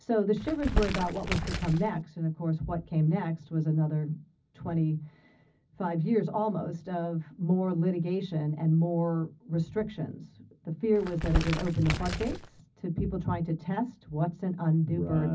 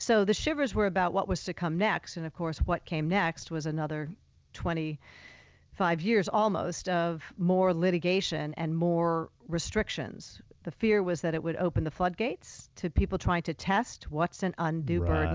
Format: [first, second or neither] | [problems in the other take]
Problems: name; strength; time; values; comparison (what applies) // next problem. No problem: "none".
second | background sound (Crumpling, crinkling); 3 dB below the speech // room echo; dies away in 0.4 s